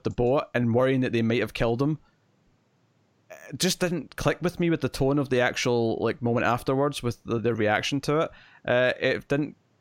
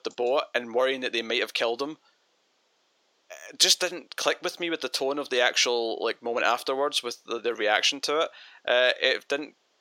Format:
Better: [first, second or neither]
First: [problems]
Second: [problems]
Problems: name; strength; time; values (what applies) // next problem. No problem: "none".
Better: first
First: none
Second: thin; very; fading below 400 Hz